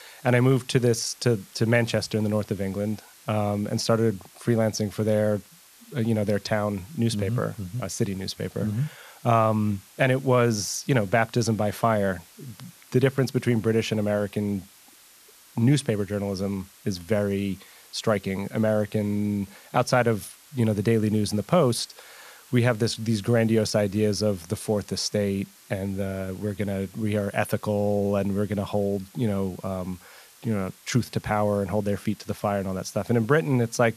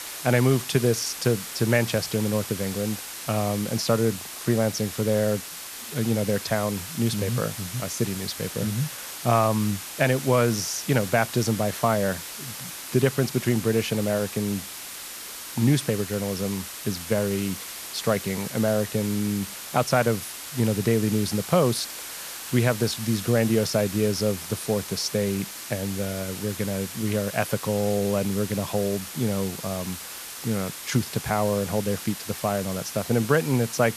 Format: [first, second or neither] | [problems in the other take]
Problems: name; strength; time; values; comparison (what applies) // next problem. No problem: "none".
first | hiss; loud; throughout; 9 dB below the speech; faint in the first